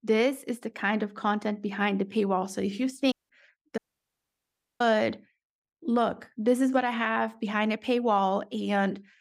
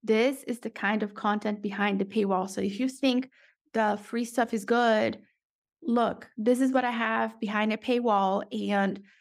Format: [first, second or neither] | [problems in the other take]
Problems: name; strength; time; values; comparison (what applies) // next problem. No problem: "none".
second | audio cutting out; at 3 s and at 4 s for 1 s